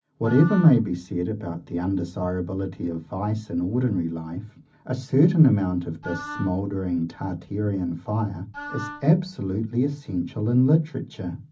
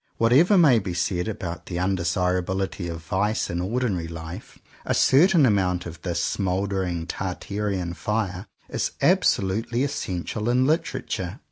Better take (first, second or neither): second